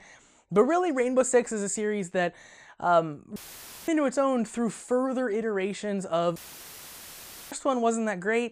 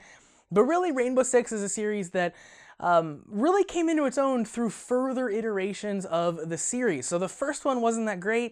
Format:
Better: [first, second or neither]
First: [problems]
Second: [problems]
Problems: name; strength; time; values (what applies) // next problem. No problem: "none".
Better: second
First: audio cutting out; filled with static; at 3.5 s for 0.5 s and at 6.5 s for 1 s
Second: none